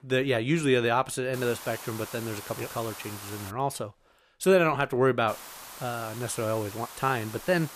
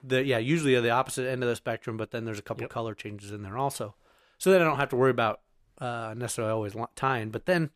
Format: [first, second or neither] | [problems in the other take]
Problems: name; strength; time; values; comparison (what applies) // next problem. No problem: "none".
second | hiss; noticeable; from 1.5 to 3.5 s and from 5.5 s on; 15 dB below the speech